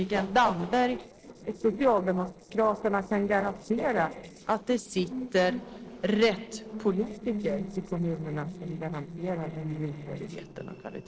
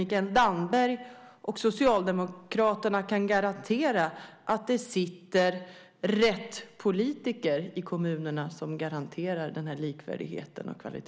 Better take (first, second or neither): second